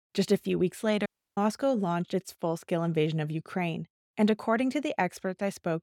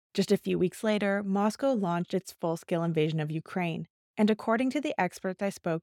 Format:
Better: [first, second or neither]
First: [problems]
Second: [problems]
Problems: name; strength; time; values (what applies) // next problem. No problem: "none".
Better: second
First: audio cutting out; at 1 s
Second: none